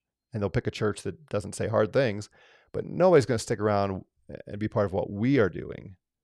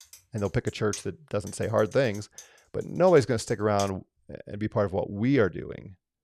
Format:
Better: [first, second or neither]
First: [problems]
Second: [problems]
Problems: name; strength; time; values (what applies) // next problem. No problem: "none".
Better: first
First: none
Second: keyboard typing; faint; until 4 s; peak 10 dB below the speech